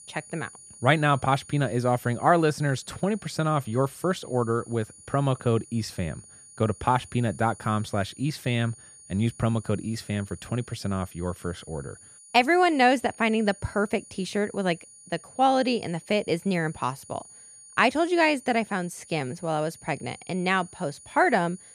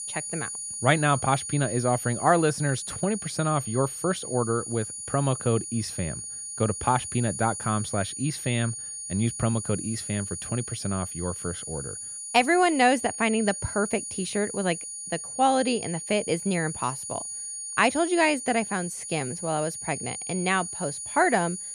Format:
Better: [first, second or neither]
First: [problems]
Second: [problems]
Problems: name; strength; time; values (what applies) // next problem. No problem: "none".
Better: first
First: high-pitched whine; faint; throughout; 9.5 kHz, 20 dB below the speech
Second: high-pitched whine; loud; throughout; 9.5 kHz, 7 dB below the speech